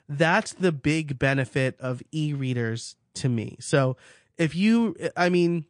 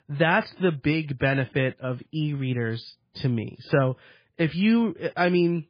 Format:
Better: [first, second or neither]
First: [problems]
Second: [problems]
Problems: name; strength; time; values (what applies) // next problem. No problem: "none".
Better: first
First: garbled, watery; slightly; nothing above 8.5 kHz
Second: garbled, watery; badly